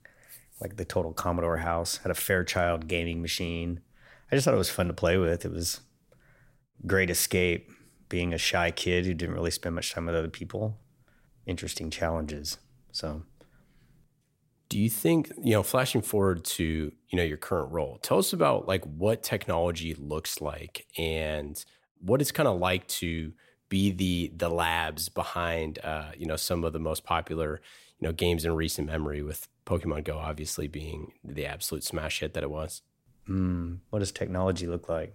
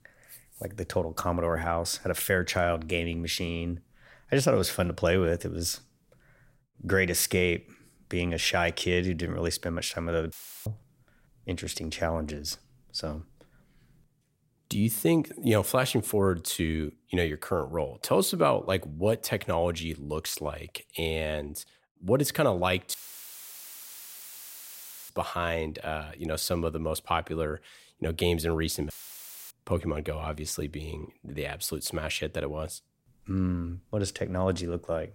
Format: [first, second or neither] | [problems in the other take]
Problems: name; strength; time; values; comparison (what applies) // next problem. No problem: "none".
first | audio cutting out; filled with static; at 10 s, at 23 s for 2 s and at 29 s for 0.5 s